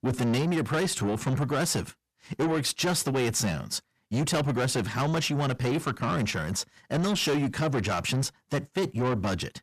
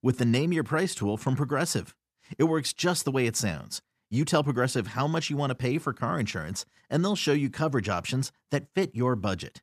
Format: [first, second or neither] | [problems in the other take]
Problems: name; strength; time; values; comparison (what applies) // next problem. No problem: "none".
second | distortion; heavy; 8 dB below the speech